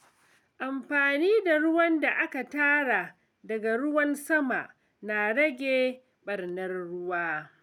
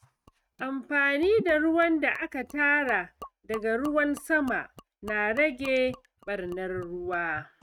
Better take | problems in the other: first | noise reduction (neural mask model RNNoise)

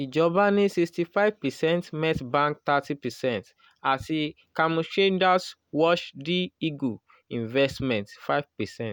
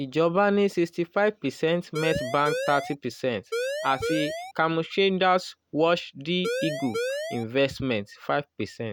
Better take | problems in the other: first | background sound (Siren); 4 dB below the speech

